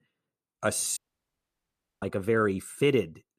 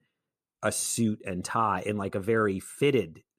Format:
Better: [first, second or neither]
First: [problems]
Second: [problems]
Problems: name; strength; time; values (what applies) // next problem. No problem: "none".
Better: second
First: audio cutting out; at 1 s for 1 s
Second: none